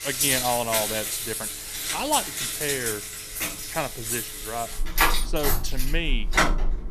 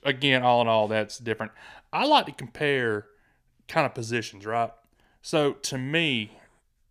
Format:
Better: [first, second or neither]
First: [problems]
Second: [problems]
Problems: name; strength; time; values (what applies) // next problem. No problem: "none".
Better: second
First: household noises; very loud; throughout; 4 dB above the speech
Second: none